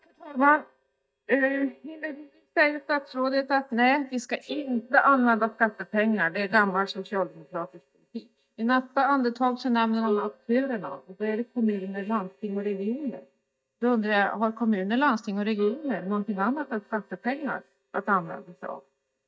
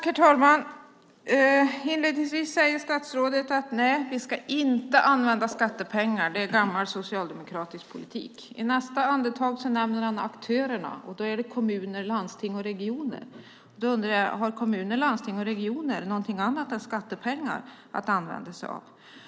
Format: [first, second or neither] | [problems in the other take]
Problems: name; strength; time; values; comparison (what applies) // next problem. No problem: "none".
second | noise reduction (neural mask model DeepFilterNet 3)